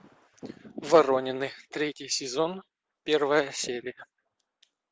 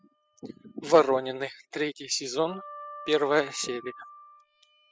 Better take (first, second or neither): first